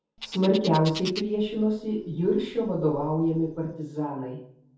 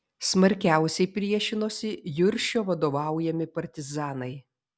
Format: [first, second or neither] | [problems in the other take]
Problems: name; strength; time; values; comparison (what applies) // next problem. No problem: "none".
second | background sound (Bird); 16 dB below the speech // room echo; dies away in 0.6 s